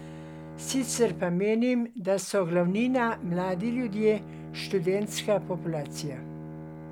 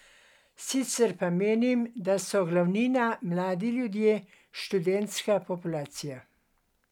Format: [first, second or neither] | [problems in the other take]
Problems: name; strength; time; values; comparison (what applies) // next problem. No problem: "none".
second | background sound (Bowed string instrument); 13 dB below the speech